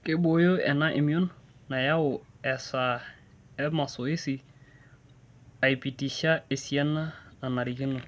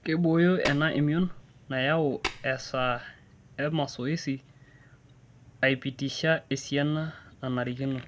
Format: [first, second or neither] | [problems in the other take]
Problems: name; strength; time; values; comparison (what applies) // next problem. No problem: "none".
first | background sound (Tap); 9 dB below the speech